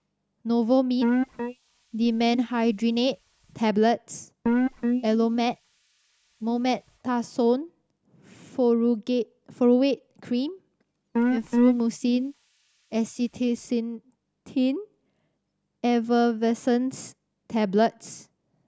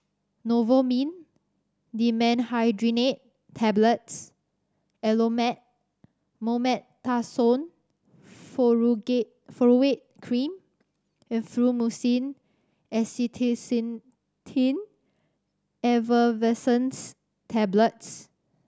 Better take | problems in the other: second | noise reduction (neural mask model Resemble Enhance denoiser)

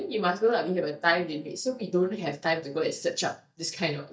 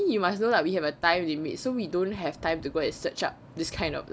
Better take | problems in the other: second | noise reduction (neural mask model DeepFilterNet 3)

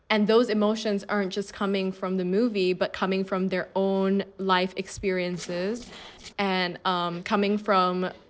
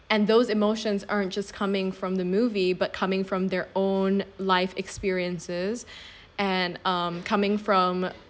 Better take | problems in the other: second | noise reduction (neural separator model SepFormer DNS4)

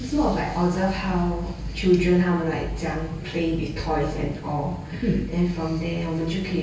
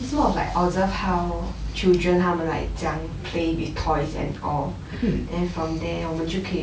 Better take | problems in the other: second | room echo; dies away in 0.8 s

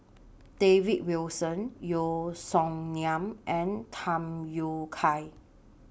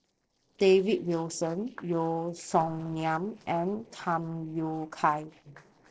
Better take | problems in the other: first | noise reduction (neural separator model SepFormer DNS4)

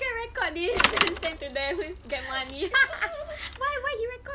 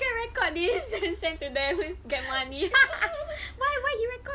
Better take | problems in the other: second | background sound (Bicycle); 3 dB below the speech

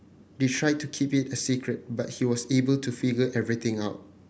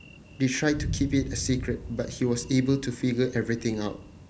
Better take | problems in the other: first | background sound (Thunder); 10 dB below the speech

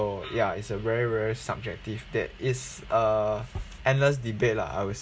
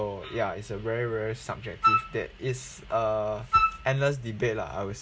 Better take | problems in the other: first | background sound (Wind instrument, woodwind instrument); 3 dB above the speech

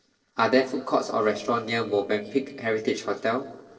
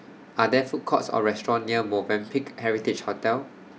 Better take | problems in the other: second | noise reduction (neural separator model SepFormer DNS4)

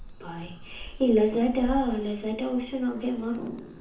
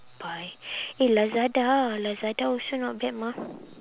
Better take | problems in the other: second | background sound (Animal); 14 dB below the speech // room echo; dies away in 0.6 s

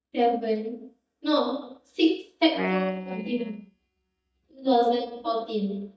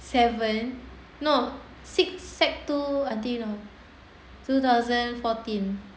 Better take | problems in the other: second | noise reduction (neural mask model DeepFilterNet 3)

